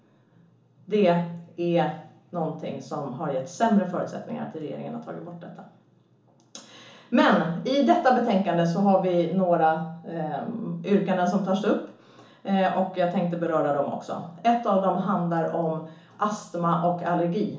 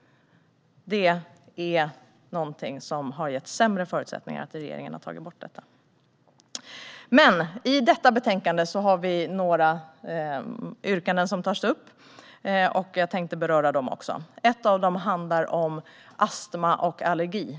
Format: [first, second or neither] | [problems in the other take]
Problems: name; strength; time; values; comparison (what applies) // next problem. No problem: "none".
second | room echo; dies away in 0.8 s